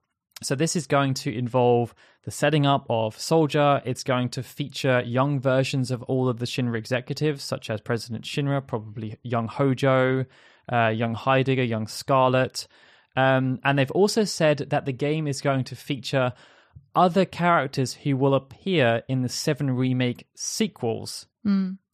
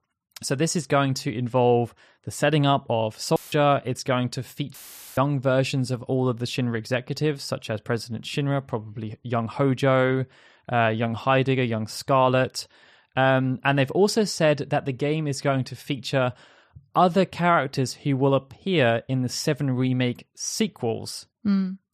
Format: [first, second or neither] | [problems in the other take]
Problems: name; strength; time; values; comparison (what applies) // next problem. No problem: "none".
first | audio cutting out; filled with static; at 3.5 s and at 4.5 s